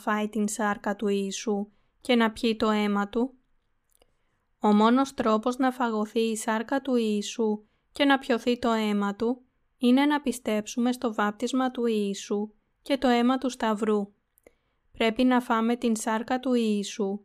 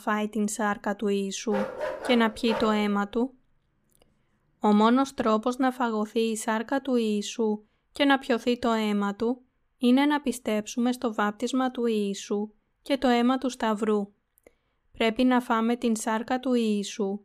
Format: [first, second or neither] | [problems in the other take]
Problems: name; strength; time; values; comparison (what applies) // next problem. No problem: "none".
first | dog barking; noticeable; from 1.5 to 3 s; peak 5 dB below the speech